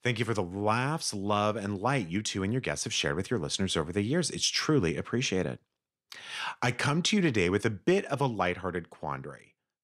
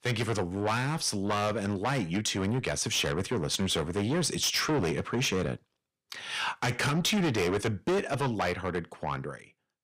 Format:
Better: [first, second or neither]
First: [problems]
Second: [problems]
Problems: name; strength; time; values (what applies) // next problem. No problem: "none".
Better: first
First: none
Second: distortion; heavy; 7 dB below the speech